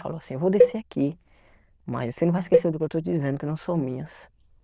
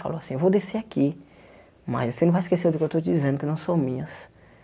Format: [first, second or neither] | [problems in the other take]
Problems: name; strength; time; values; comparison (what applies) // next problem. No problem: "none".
second | noise reduction (neural diffusion model UNIVERSE++)